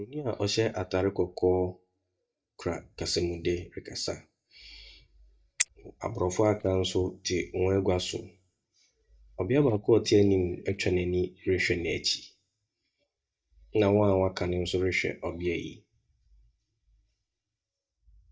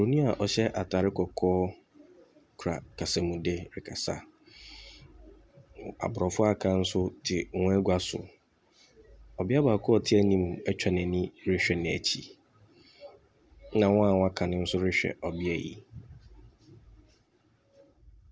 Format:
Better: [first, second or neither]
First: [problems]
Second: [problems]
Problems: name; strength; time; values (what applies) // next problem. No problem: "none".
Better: second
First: noise reduction (neural mask model DeepFilterNet 3)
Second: none